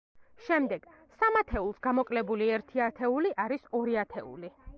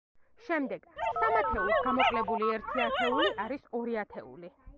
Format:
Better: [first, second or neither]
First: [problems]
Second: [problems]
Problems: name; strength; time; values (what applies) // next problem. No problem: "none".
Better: first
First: none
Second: background sound (Telephone + Dog); 4 dB above the speech